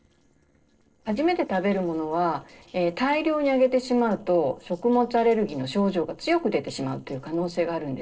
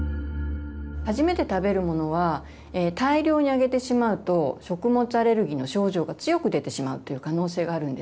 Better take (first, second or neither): second